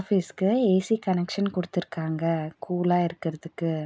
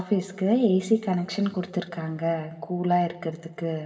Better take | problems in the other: first | room echo; dies away in 2.2 s

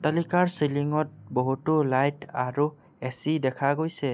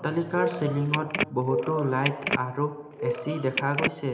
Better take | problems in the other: first | background sound (Telephone); 3 dB below the speech // room echo; dies away in 0.8 s

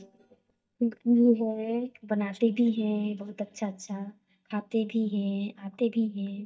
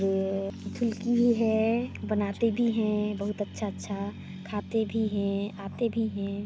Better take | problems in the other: second | noise reduction (neural mask model DeepFilterNet 3)

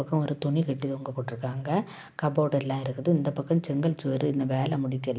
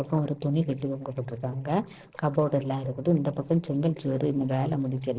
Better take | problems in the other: first | noise reduction (neural separator model SepFormer DNS4)

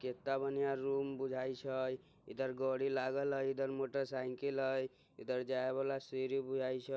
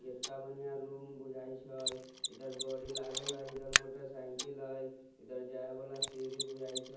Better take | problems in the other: first | background sound (Mechanisms); 2 dB above the speech // room echo; dies away in 0.8 s

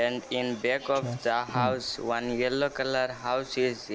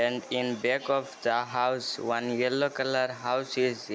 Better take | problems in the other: second | background sound (Clock); 12 dB below the speech

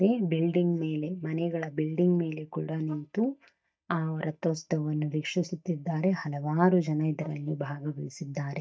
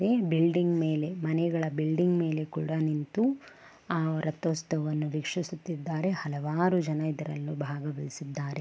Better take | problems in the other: second | noise reduction (neural mask model DeepFilterNet 3)

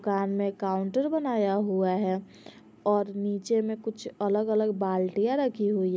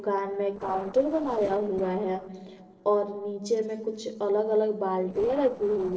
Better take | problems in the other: first | noise reduction (neural separator model SepFormer DNS4)

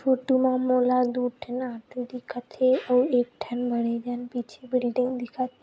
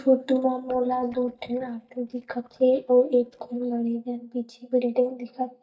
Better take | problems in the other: first | noise reduction (neural mask model DeepFilterNet 3)

